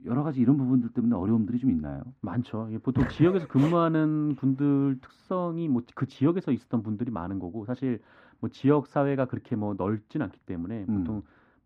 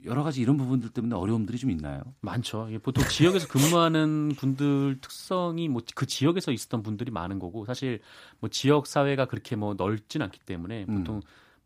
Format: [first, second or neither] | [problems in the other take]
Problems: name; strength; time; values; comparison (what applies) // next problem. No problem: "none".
second | muffled; very; fading above 3.5 kHz